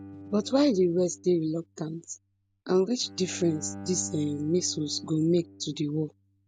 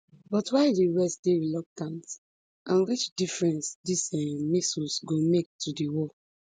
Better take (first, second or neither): second